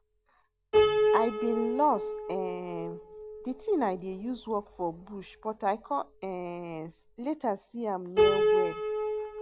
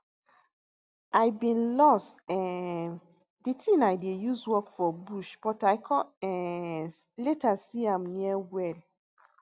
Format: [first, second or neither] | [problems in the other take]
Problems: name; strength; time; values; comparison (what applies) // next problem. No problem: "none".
second | background sound (Piano); 2 dB above the speech